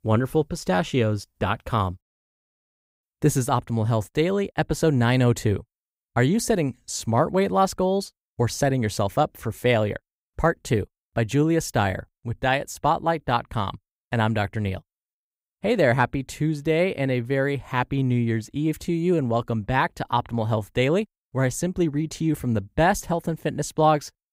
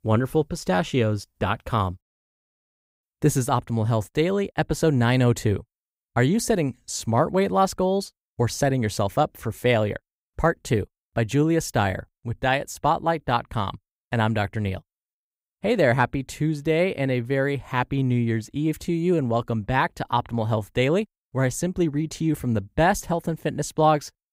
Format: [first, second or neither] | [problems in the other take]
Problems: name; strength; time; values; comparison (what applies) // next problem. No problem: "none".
neither | none